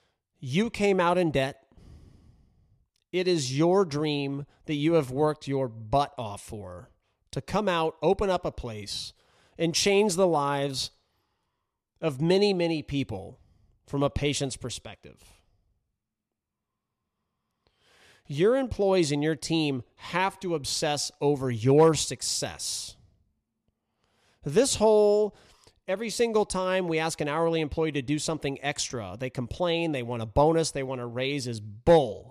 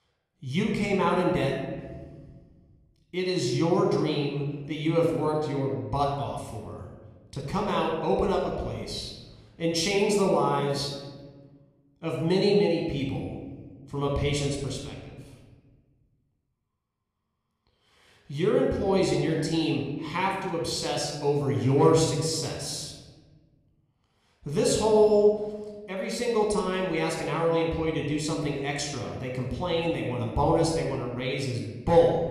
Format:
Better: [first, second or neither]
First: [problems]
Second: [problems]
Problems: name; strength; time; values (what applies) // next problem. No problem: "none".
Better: first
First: none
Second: off-mic speech; somewhat distant // room echo; noticeable; dies away in 1.3 s